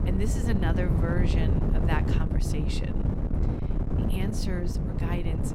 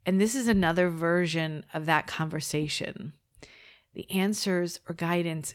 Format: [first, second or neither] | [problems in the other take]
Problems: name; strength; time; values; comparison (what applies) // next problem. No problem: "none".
second | wind noise on the microphone; heavy; as loud as the speech